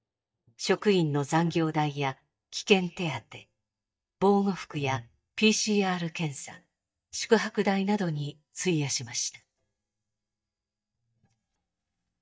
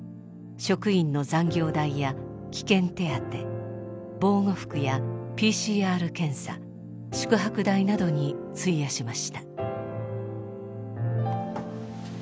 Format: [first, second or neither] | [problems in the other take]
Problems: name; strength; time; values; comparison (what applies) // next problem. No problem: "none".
second | noise reduction (neural mask model DeepFilterNet 3)